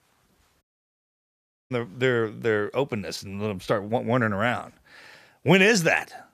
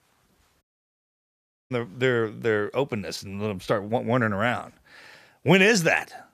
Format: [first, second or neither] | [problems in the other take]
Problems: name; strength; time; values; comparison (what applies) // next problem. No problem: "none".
neither | audio cutting out; at 0.5 s for 1 s; the same in both